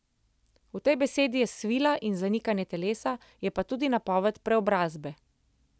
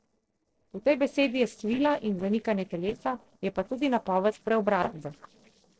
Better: first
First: none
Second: noise reduction (neural separator model SepFormer DNS4)

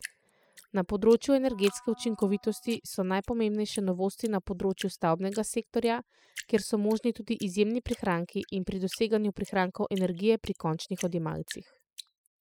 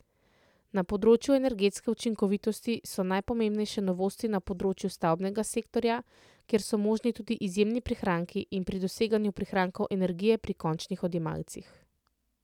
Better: second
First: noise reduction (classical method spectral subtraction)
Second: none

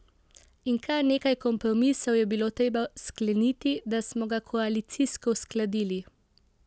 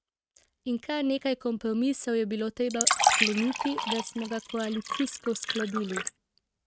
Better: first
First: none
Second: noise reduction (neural mask model RNNoise)

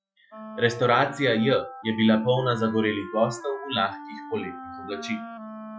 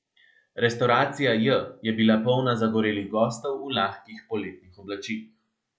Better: second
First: noise reduction (classical method Wiener filter)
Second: none

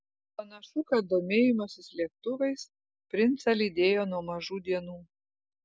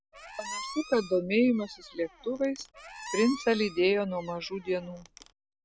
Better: first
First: none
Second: background sound (Squeak); 14 dB below the speech

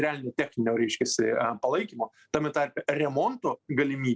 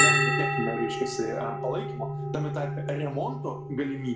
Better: first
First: none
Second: background sound (Bell); 4 dB above the speech // room echo; dies away in 0.5 s

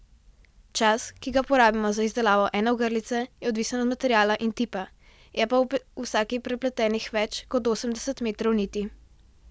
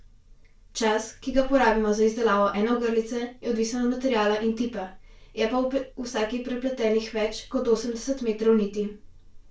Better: first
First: none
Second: room echo; dies away in 0.2 s

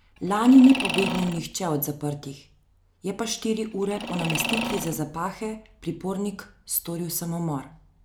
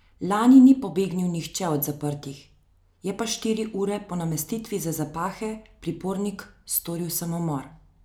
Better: second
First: background sound (Mechanisms); 7 dB below the speech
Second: none

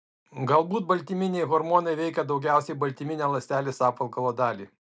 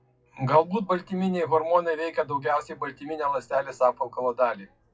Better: first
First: none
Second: noise reduction (classical method WPE with log-MMSE)

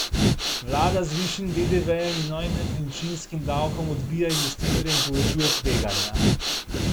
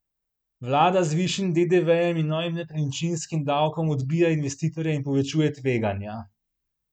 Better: second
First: background sound (Breathing); 2 dB above the speech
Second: none

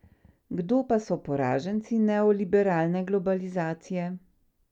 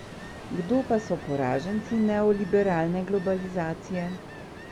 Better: first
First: none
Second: background sound (Ocean); 13 dB below the speech

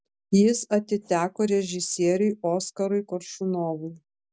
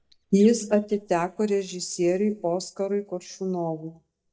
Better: first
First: none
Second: noise reduction (neural mask model DeepFilterNet 3)

